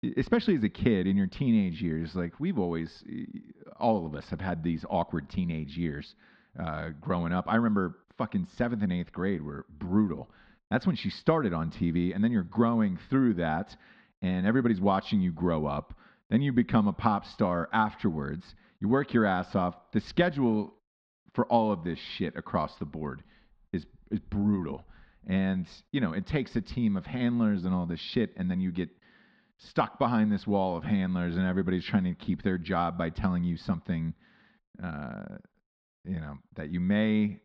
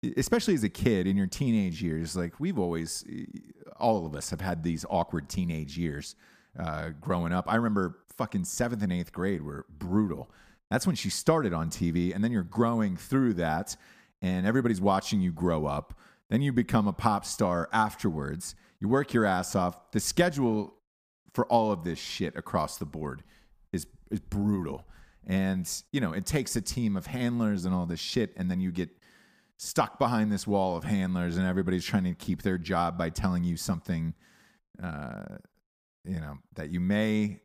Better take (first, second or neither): second